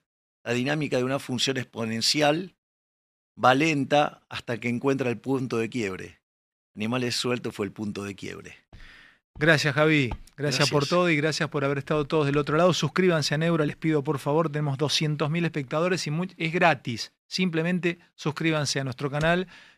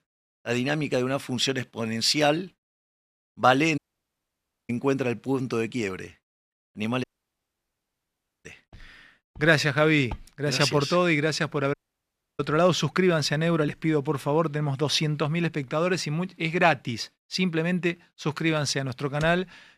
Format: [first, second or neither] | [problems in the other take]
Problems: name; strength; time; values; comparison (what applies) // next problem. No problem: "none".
first | audio cutting out; at 4 s for 1 s, at 7 s for 1.5 s and at 12 s for 0.5 s